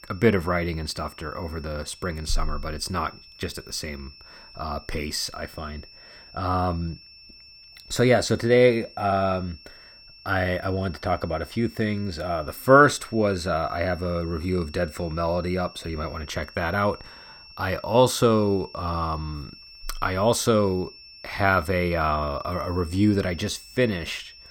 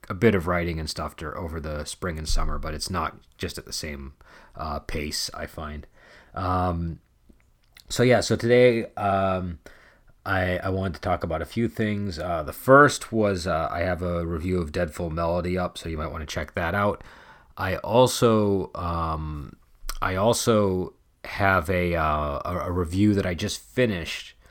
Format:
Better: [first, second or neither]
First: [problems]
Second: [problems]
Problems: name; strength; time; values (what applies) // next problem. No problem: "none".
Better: second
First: high-pitched whine; faint; throughout; 5.5 kHz, 20 dB below the speech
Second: none